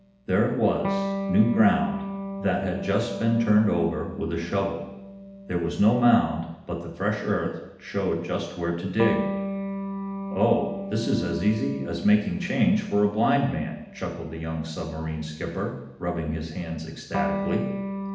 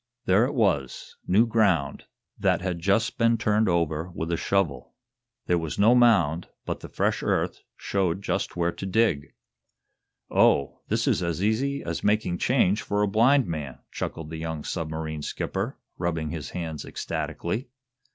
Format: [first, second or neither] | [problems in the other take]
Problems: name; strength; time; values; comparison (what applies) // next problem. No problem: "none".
second | background sound (Electric guitar); 8 dB below the speech // room echo; dies away in 0.8 s